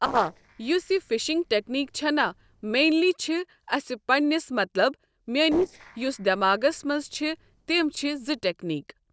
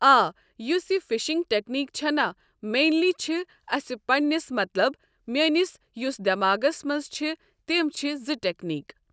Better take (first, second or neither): second